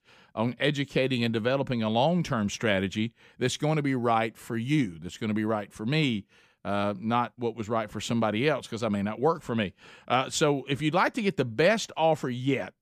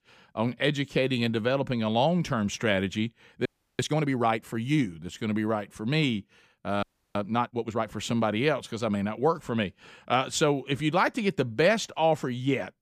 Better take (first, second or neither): first